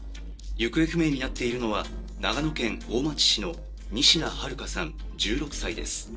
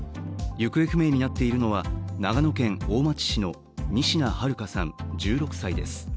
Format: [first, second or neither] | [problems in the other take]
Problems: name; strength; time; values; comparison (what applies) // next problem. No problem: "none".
second | noise reduction (neural separator model SepFormer DNS4)